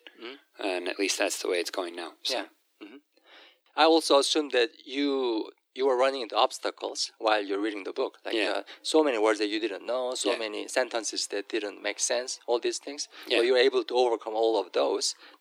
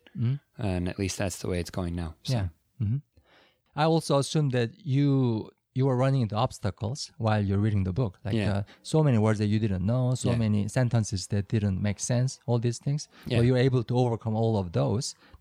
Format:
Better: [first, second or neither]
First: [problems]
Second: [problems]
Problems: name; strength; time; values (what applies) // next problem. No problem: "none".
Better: second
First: thin; very; fading below 300 Hz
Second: none